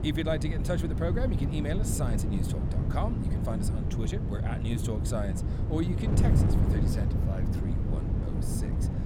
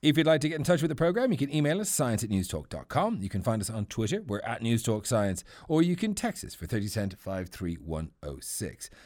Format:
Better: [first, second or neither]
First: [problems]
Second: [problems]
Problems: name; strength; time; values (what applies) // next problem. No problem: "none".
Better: second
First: wind noise on the microphone; heavy; 2 dB below the speech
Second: none